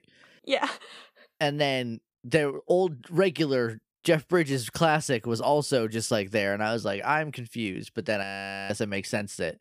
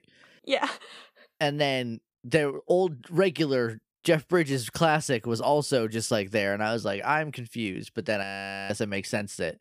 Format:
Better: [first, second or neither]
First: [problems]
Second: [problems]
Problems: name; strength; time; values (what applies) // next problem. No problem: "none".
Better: neither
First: audio freezing; at 8 s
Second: audio freezing; at 8 s